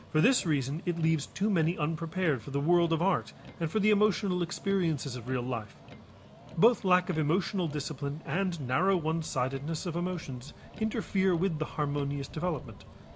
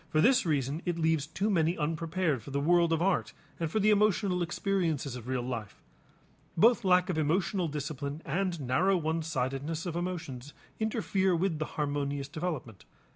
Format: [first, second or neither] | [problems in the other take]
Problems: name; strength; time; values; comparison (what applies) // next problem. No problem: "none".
second | background sound (Motor vehicle (road)); 19 dB below the speech